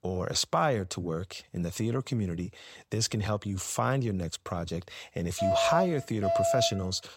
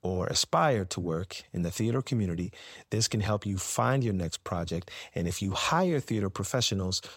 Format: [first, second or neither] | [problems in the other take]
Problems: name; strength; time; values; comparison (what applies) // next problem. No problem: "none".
second | alarm; loud; from 5.5 s on; peak 5 dB above the speech